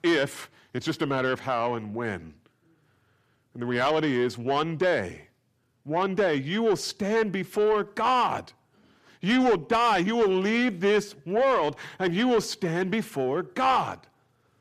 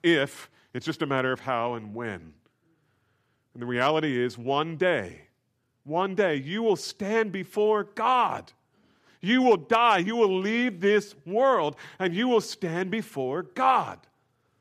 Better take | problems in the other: second | distortion; slight; 10 dB below the speech

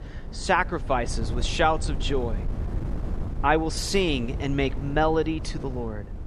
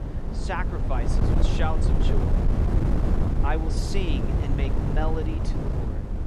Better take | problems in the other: first | wind noise on the microphone; heavy; 1 dB below the speech; occasional gusts in the first

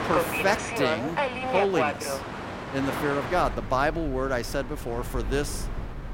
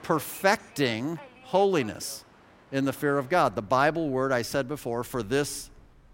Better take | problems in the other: second | train or aircraft noise; loud; throughout; 2 dB below the speech; faint in the second

